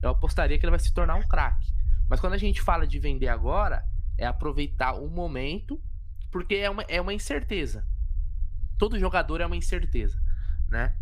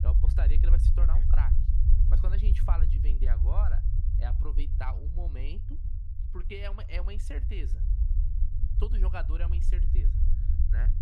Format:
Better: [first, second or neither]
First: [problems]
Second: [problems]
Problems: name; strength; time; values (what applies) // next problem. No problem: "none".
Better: first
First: low rumble; faint; throughout; 25 dB below the speech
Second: low rumble; loud; throughout; 5 dB below the speech